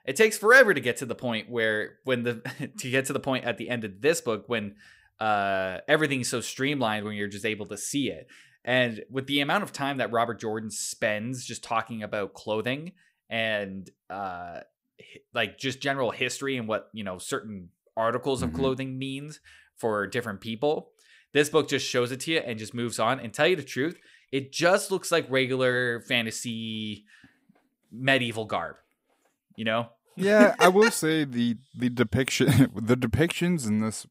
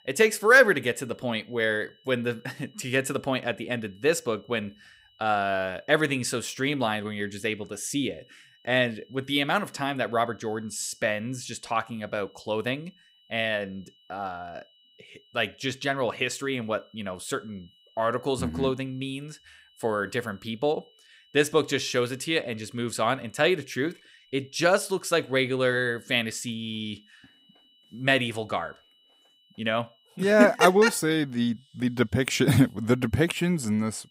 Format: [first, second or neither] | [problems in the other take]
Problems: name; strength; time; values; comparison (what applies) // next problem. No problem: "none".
first | high-pitched whine; faint; throughout; 3 kHz, 30 dB below the speech